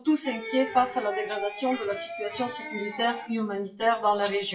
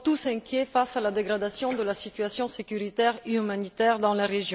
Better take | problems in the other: second | noise reduction (classical method WPE with log-MMSE)

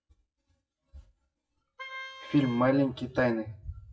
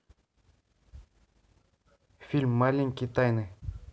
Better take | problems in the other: second | noise reduction (classical method WPE with log-MMSE)

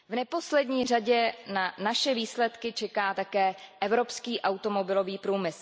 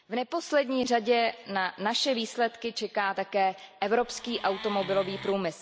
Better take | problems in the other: first | background sound (Wood); 13 dB below the speech

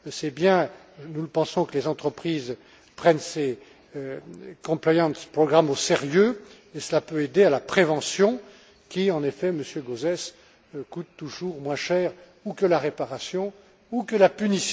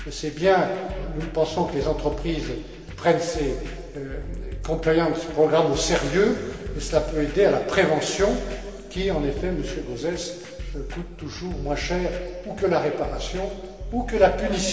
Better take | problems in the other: first | background sound (Drum kit); 10 dB below the speech // room echo; dies away in 2.3 s

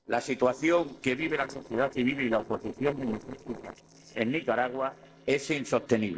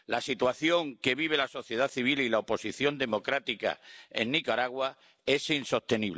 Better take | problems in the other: second | noise reduction (neural separator model SepFormer DNS4)

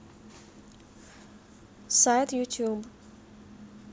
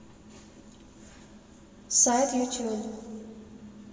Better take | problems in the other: first | room echo; dies away in 2.2 s

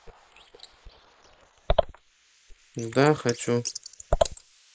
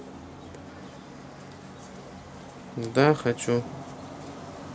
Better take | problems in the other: second | noise reduction (neural mask model Resemble Enhance denoiser)

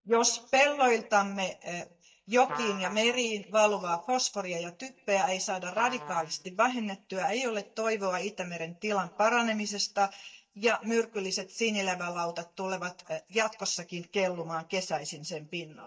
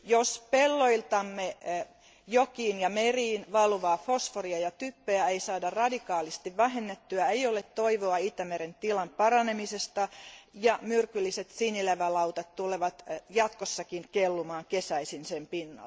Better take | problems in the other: second | noise reduction (neural mask model DeepFilterNet 3)

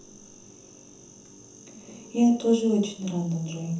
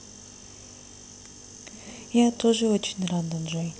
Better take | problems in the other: second | room echo; dies away in 0.7 s

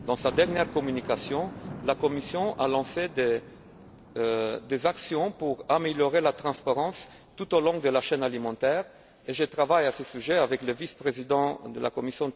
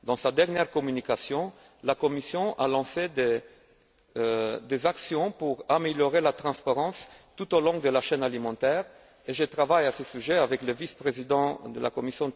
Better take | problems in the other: second | background sound (Thunder); 18 dB below the speech

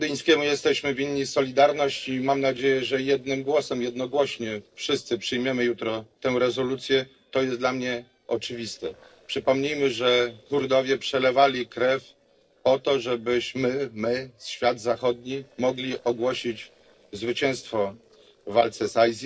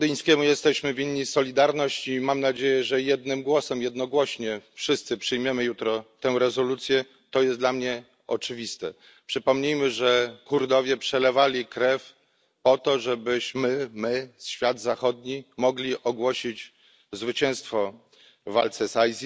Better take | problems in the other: second | noise reduction (neural separator model SepFormer DNS4)

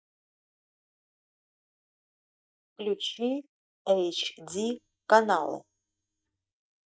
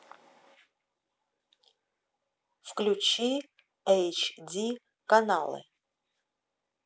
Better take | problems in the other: second | noise reduction (neural mask model DeepFilterNet 3)

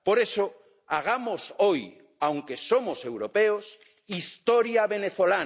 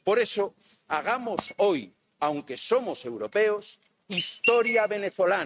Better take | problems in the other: first | noise reduction (neural mask model RNNoise)

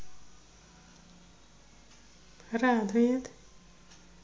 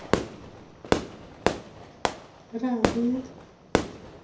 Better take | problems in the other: first | background sound (Fireworks); 4 dB above the speech // room echo; dies away in 0.5 s

